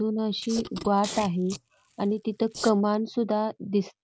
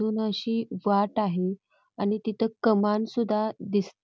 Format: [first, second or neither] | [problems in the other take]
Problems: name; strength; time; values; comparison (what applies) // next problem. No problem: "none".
second | noise reduction (neural mask model Resemble Enhance denoiser)